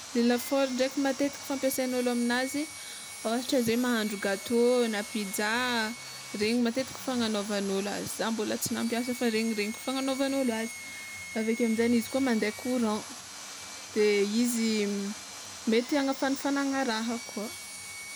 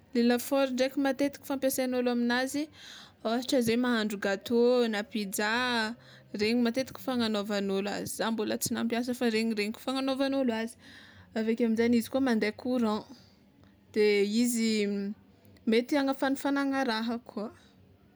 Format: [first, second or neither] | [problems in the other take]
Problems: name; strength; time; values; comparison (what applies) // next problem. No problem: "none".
second | background sound (Sawing); 13 dB below the speech